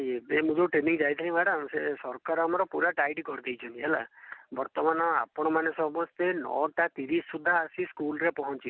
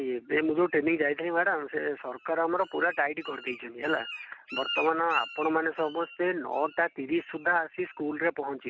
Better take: first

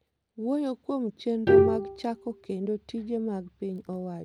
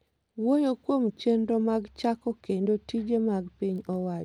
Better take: second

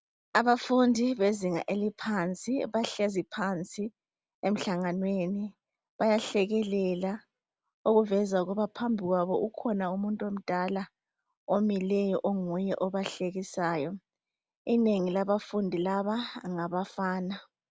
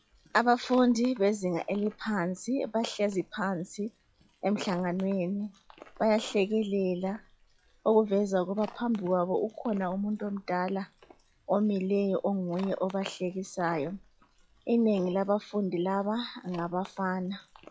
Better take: first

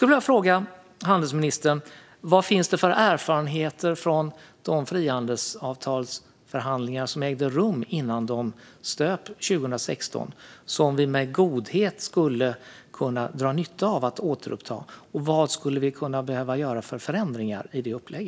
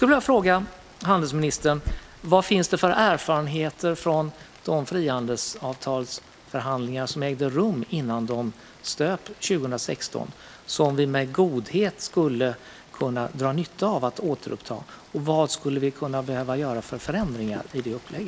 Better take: first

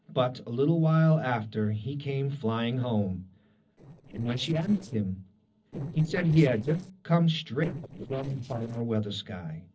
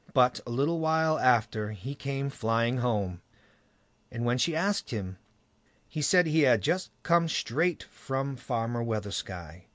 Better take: second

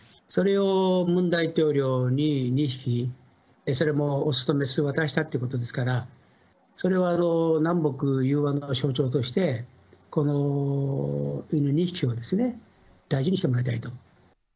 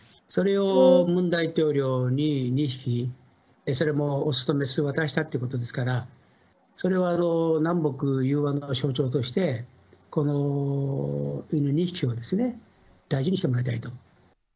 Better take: first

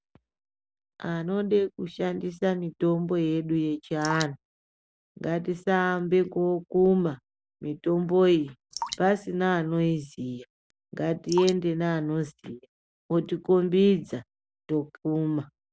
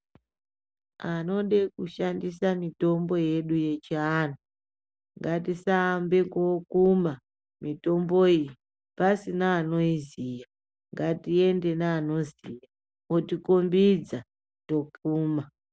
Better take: second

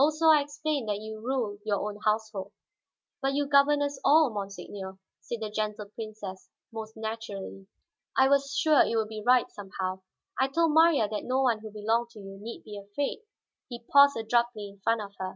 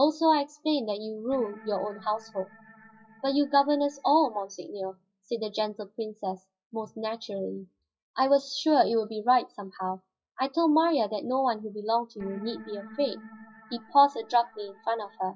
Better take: first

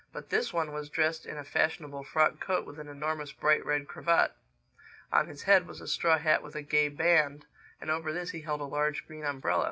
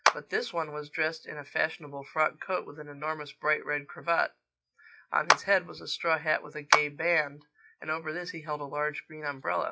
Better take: first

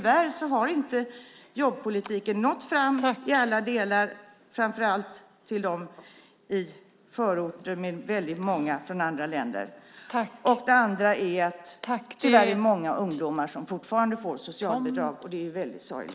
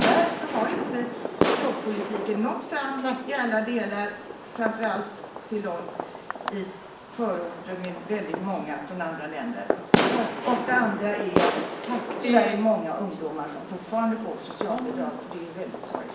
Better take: first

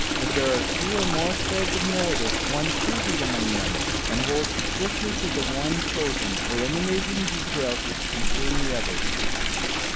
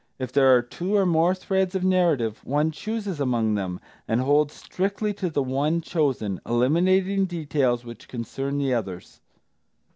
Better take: second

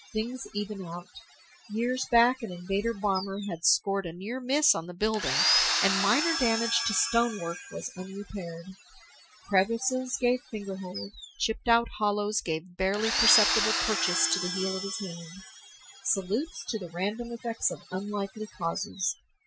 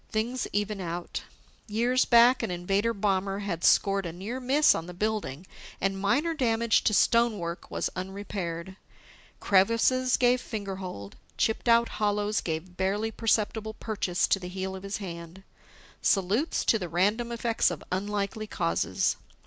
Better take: second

